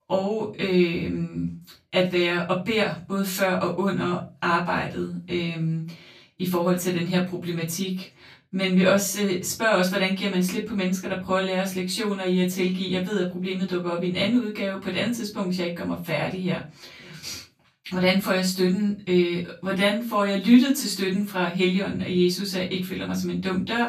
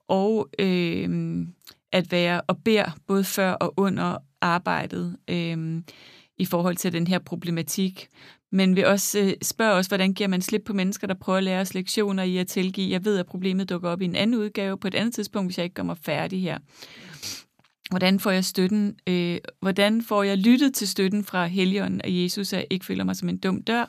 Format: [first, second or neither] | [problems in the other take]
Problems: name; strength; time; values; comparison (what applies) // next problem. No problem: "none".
second | off-mic speech; far // room echo; slight; dies away in 0.2 s